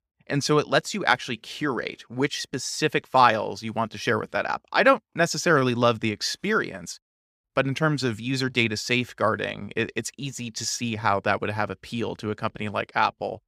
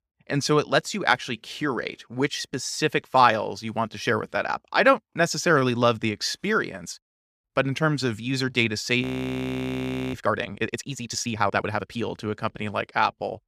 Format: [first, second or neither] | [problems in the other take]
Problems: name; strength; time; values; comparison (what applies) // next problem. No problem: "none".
first | audio freezing; at 9 s for 1 s